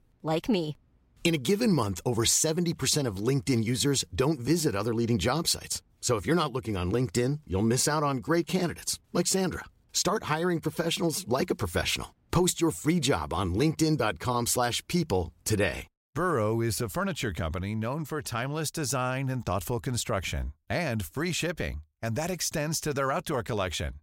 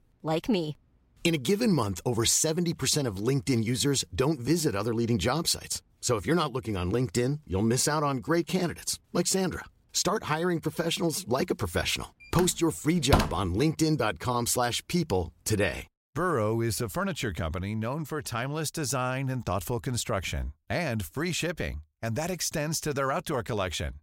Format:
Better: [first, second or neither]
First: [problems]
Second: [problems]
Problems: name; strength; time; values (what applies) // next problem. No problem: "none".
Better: first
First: none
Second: door banging; loud; at 12 s; peak 2 dB above the speech